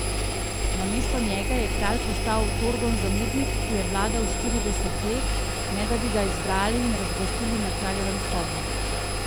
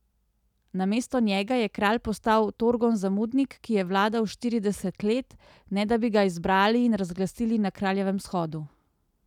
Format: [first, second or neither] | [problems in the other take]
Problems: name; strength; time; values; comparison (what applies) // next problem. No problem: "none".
second | background sound (Engine); 3 dB above the speech